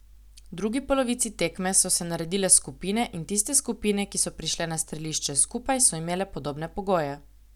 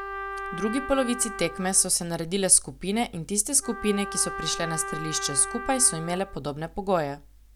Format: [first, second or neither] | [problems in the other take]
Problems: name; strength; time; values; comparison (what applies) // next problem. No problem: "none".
first | background sound (Trumpet); 11 dB below the speech